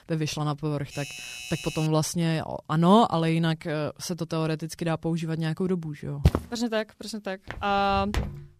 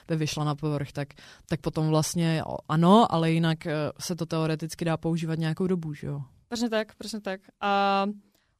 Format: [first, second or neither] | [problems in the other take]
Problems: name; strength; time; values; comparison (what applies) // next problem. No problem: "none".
second | doorbell; noticeable; from 1 to 2 s; peak 8 dB below the speech // footsteps; loud; at 6 s; peak 1 dB above the speech // footsteps; noticeable; at 7.5 s; peak 5 dB below the speech